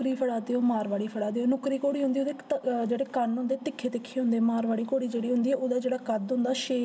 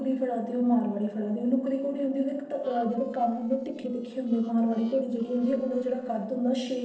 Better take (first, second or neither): first